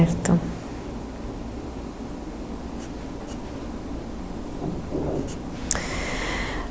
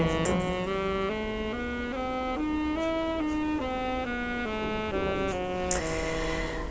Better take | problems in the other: first | background sound (Wind instrument, woodwind instrument); 4 dB above the speech // room echo; dies away in 1.8 s

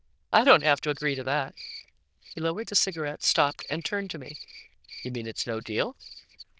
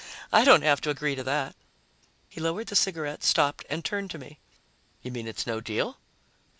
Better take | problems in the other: second | noise reduction (neural diffusion model UNIVERSE++)

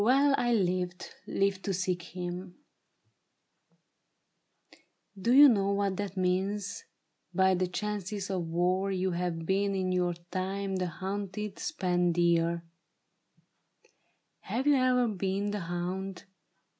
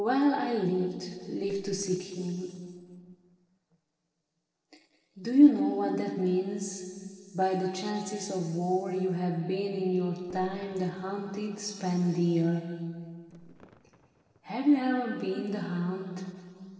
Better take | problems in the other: first | noise reduction (neural separator model SepFormer DNS4)

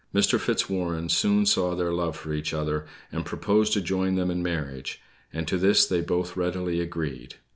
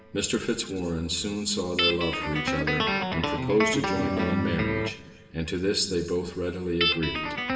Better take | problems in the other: first | background sound (Guitar); 1 dB below the speech // room echo; dies away in 2.3 s

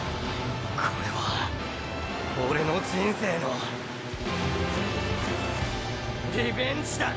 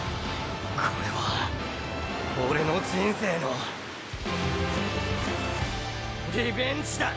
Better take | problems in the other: second | background sound (Bowed string instrument); 10 dB below the speech

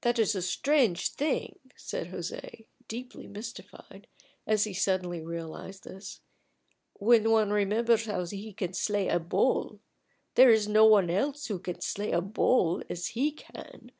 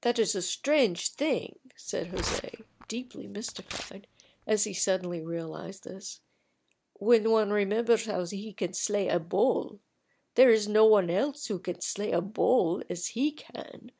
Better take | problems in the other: first | background sound (Tearing); 15 dB below the speech

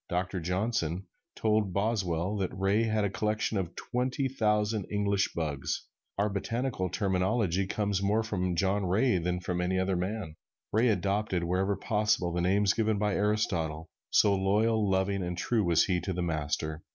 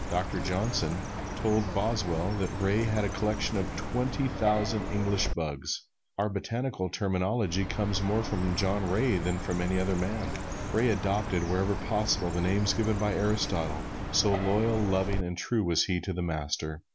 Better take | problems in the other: first | background sound (Chirp, tweet); 6 dB below the speech

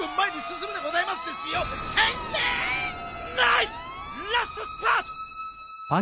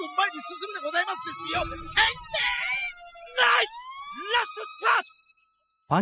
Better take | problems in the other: first | noise reduction (classical method spectral subtraction)

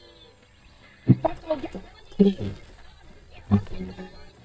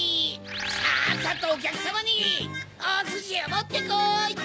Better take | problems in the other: second | noise reduction (neural mask model DeepFilterNet 3)

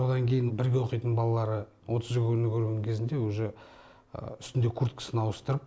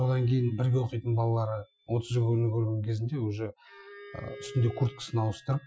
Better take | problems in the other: first | noise reduction (classical method Wiener filter)

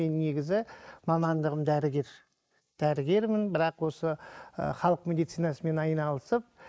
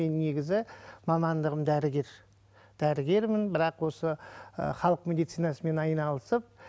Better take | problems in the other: second | noise reduction (neural mask model Resemble Enhance denoiser)

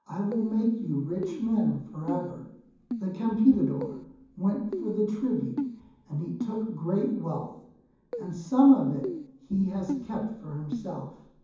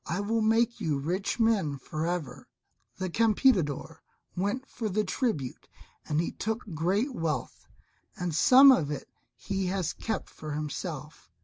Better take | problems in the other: second | background sound (Keyboard (musical)); 10 dB below the speech // room echo; dies away in 1.2 s

